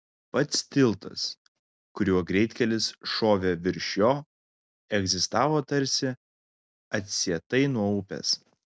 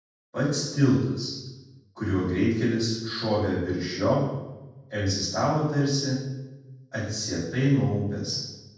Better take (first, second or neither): first